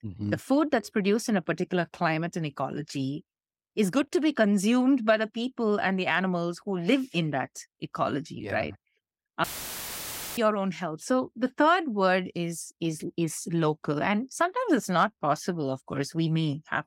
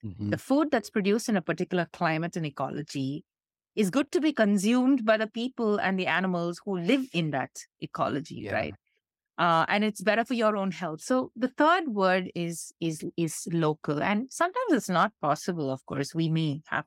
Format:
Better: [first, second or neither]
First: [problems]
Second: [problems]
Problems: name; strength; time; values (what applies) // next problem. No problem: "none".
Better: second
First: audio cutting out; filled with static; at 9.5 s for 1 s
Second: none